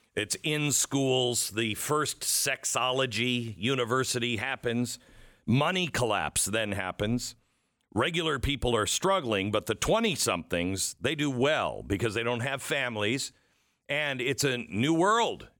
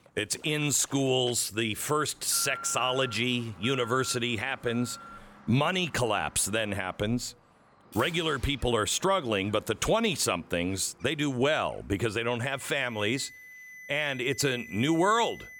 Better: first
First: none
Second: alarms or sirens; noticeable; throughout; 20 dB below the speech

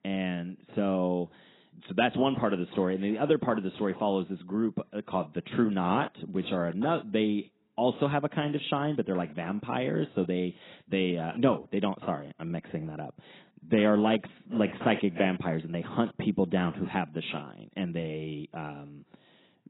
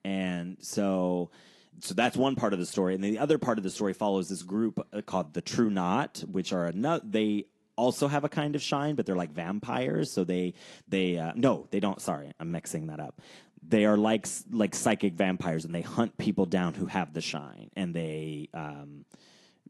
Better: second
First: garbled, watery; badly; nothing above 4 kHz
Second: garbled, watery; slightly; nothing above 11.5 kHz

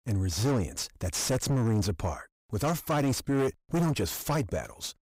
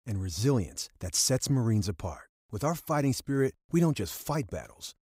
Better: second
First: distortion; heavy; 5 dB below the speech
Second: none

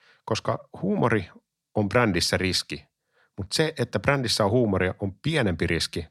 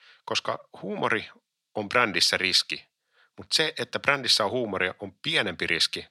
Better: first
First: none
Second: thin; somewhat; fading below 1 kHz

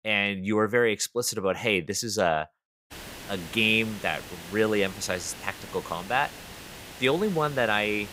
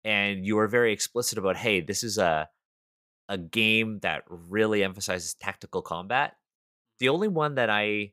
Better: second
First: hiss; noticeable; from 3 s on; 15 dB below the speech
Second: none

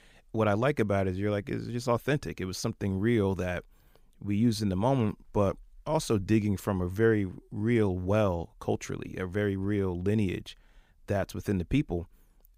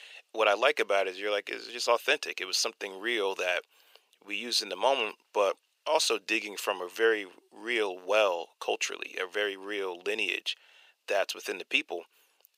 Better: first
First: none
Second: thin; very; fading below 450 Hz

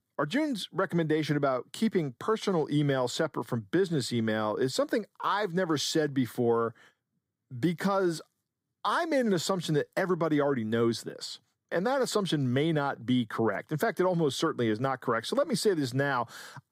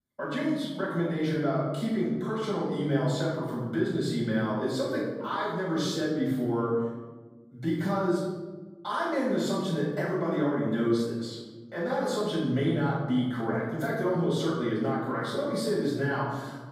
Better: first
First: none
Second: off-mic speech; far // room echo; noticeable; dies away in 1.3 s

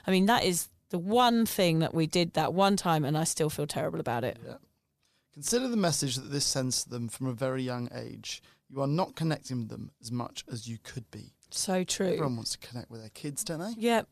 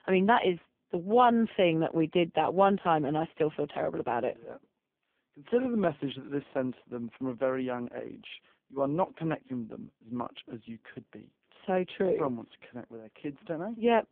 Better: first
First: none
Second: phone-call audio; poor line

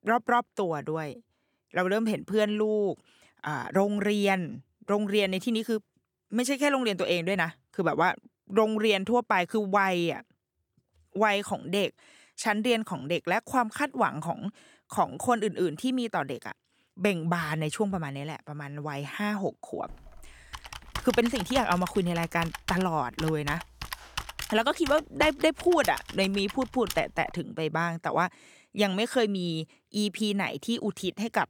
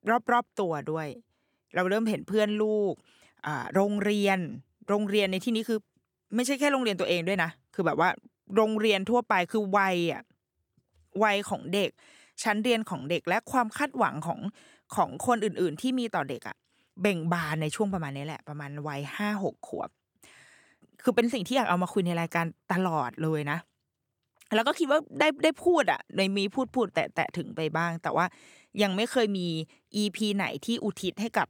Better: second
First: keyboard typing; noticeable; from 20 to 27 s; peak 7 dB below the speech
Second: none

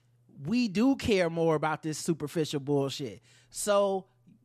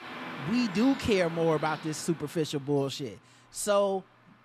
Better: first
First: none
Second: traffic noise; noticeable; throughout; 10 dB below the speech

